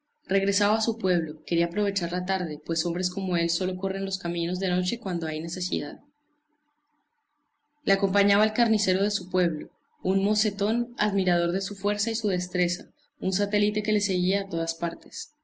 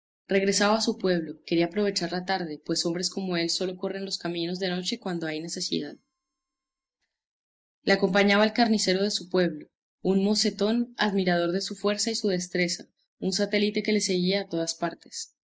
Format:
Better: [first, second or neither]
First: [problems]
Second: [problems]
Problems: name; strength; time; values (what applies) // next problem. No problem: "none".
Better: first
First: none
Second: noise reduction (neural mask model DeepFilterNet 3)